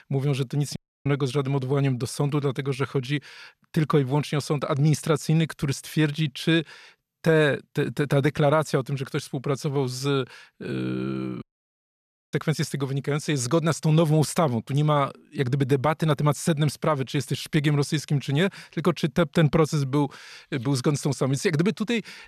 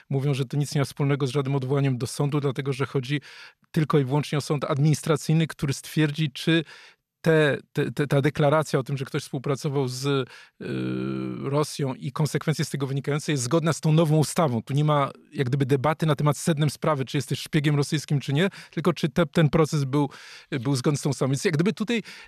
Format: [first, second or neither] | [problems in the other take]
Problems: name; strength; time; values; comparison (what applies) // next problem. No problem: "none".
second | audio cutting out; at 1 s and at 11 s for 1 s